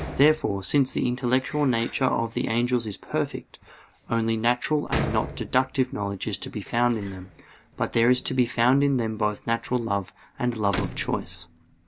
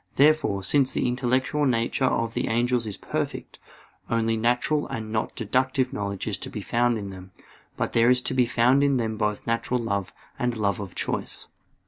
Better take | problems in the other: second | background sound (Door); 14 dB below the speech

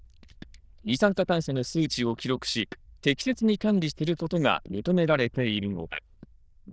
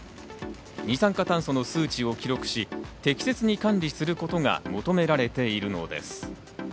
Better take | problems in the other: second | noise reduction (neural diffusion model UNIVERSE++)

